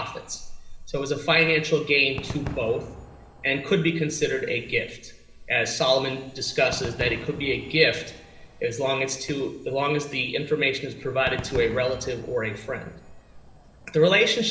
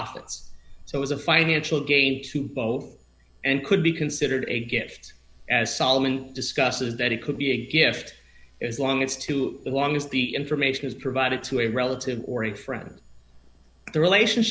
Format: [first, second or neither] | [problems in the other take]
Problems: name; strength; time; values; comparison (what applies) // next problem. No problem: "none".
second | background sound (Crowd / Cheering / Fireworks); 17 dB below the speech // room echo; dies away in 1 s